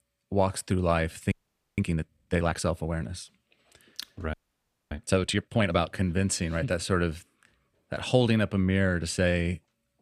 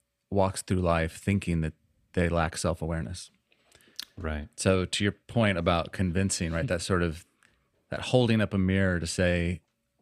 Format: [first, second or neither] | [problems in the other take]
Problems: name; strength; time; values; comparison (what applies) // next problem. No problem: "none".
second | audio freezing; at 1.5 s and at 4.5 s for 0.5 s